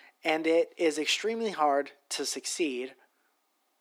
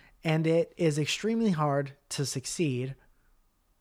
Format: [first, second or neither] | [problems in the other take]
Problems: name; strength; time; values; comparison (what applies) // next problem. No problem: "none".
second | thin; somewhat; fading below 250 Hz